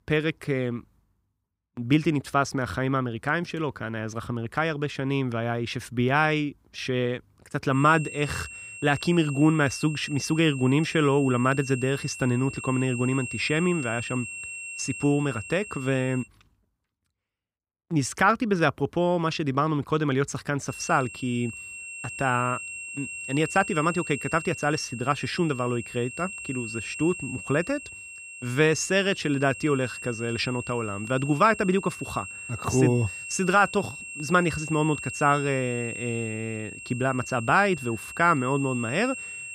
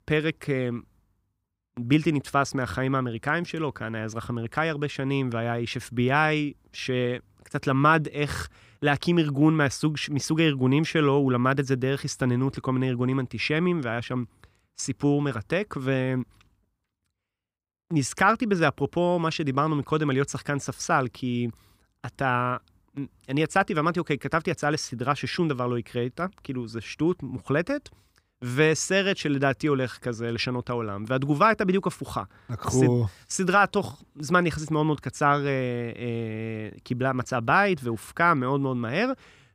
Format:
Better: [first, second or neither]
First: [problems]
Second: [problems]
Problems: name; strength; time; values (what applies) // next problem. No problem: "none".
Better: second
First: high-pitched whine; noticeable; from 7.5 to 16 s and from 21 s on; 2.5 kHz, 10 dB below the speech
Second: none